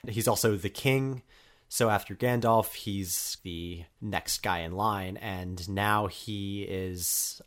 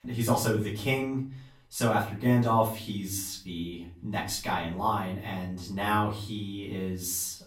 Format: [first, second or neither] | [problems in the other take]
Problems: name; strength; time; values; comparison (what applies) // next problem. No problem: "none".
first | off-mic speech; far // room echo; slight; dies away in 0.4 s